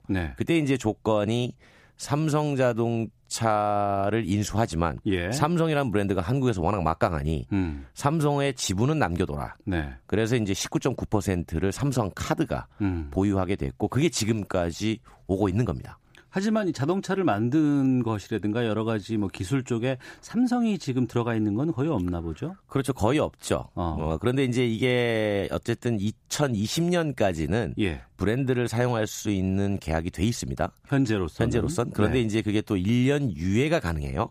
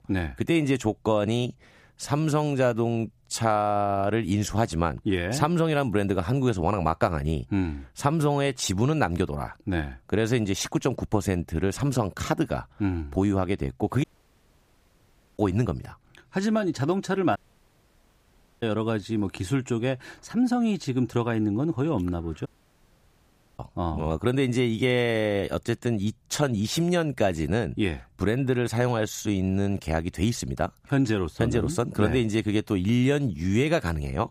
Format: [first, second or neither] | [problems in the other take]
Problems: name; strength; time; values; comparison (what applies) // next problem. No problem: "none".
first | audio cutting out; at 14 s for 1.5 s, at 17 s for 1.5 s and at 22 s for 1 s